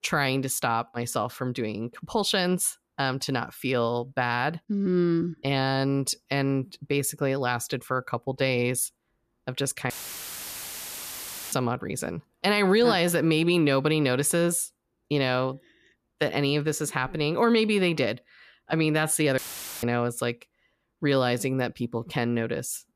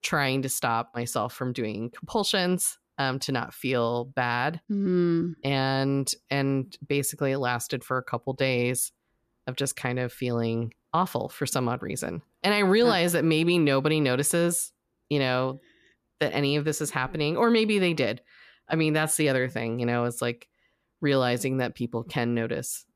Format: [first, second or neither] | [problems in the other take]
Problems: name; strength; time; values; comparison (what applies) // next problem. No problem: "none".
second | audio cutting out; filled with static; at 10 s for 1.5 s and at 19 s